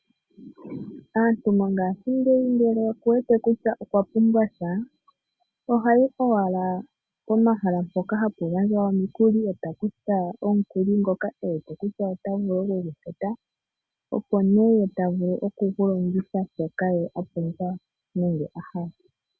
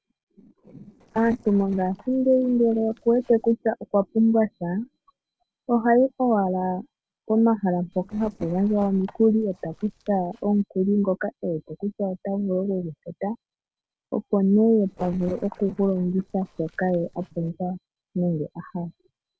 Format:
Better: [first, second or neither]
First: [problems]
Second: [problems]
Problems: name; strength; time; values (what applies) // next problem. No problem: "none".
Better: first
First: none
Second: noise reduction (neural separator model SepFormer DNS4)